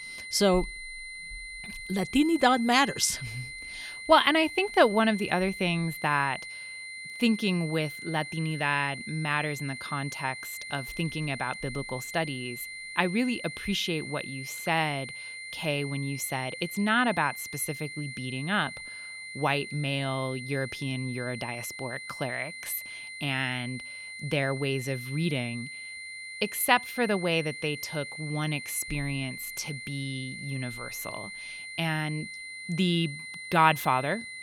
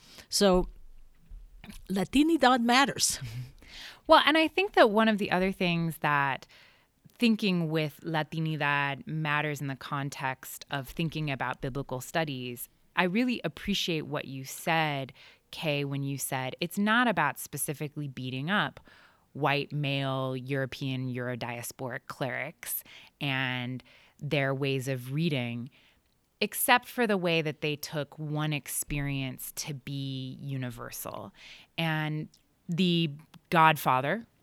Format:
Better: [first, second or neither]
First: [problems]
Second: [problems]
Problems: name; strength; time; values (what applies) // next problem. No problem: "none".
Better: second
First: high-pitched whine; loud; throughout; 2 kHz, 10 dB below the speech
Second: none